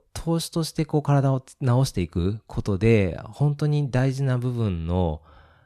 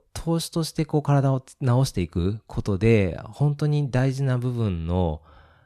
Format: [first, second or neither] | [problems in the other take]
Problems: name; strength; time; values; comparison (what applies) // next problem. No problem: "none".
neither | none